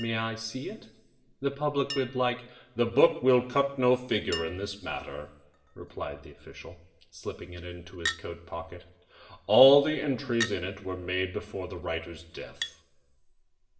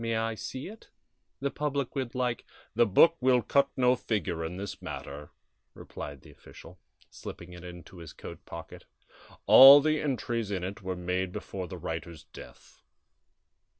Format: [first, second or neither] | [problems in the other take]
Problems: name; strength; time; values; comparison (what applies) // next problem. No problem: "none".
second | background sound (Chink, clink); 15 dB below the speech // room echo; dies away in 1.1 s